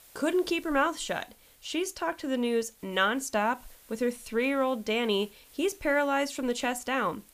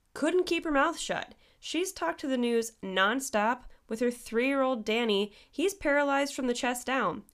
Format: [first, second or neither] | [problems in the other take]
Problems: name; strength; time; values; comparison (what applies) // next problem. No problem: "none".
second | hiss; faint; throughout; 25 dB below the speech